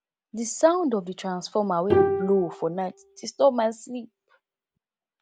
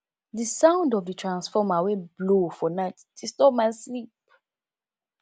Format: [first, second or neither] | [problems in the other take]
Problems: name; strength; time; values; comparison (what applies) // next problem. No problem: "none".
second | background sound (Bowed string instrument); 2 dB below the speech